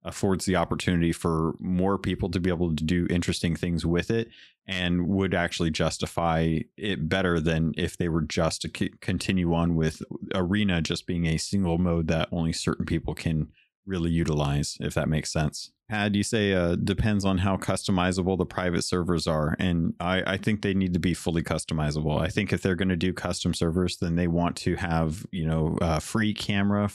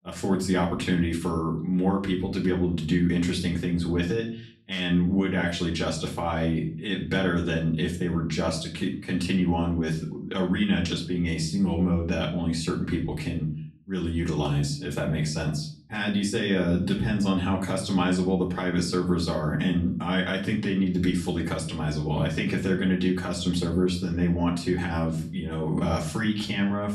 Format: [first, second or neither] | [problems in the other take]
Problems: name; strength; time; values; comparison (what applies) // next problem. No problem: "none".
first | room echo; slight; dies away in 0.4 s // off-mic speech; far